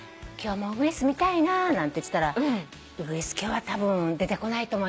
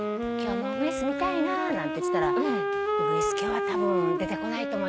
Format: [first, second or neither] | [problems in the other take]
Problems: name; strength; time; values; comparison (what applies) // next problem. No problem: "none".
first | background sound (Wind instrument, woodwind instrument); 3 dB above the speech